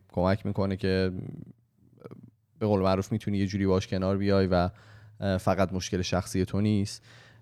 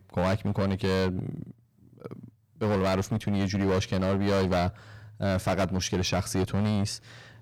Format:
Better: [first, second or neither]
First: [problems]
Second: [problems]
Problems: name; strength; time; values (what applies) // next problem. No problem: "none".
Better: first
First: none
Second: distortion; heavy; 15% of the sound clipped